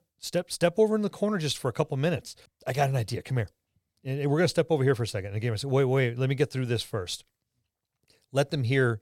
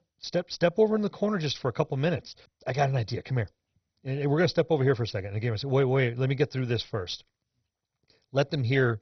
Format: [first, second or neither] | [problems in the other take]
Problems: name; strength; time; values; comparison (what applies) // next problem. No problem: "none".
first | garbled, watery; badly; nothing above 6 kHz